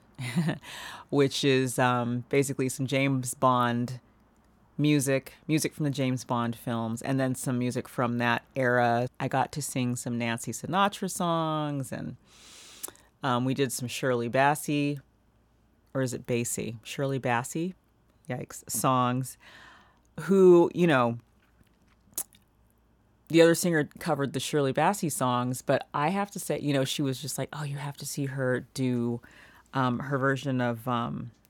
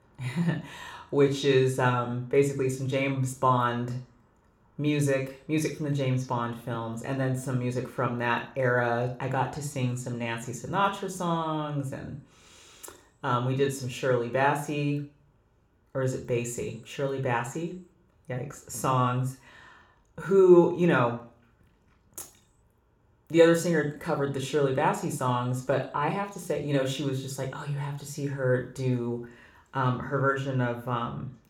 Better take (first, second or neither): first